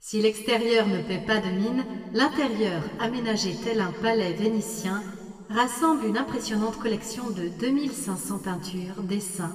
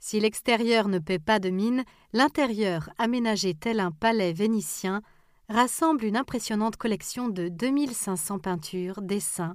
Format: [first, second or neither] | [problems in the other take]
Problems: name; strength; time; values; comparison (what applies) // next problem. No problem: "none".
second | room echo; slight; dies away in 1.8 s // off-mic speech; somewhat distant